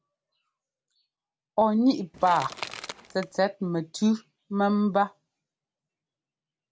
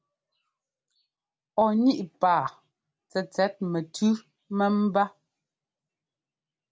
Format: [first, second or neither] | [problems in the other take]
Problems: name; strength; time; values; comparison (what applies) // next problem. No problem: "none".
second | background sound (Crushing / Wood); 12 dB below the speech